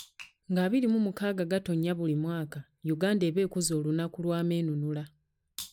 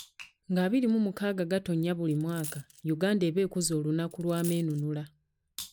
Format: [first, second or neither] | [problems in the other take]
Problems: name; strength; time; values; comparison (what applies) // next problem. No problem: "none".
first | background sound (Coin (dropping)); 15 dB below the speech